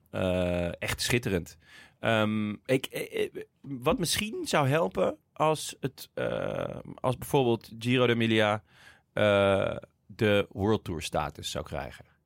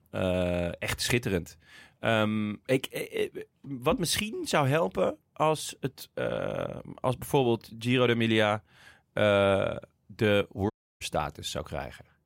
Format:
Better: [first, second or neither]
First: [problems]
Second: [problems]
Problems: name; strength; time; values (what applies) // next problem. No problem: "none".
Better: first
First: none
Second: audio cutting out; at 11 s